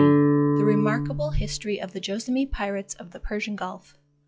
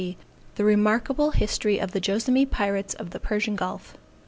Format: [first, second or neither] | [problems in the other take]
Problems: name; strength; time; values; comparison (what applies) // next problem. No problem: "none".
second | noise reduction (classical method log-MMSE)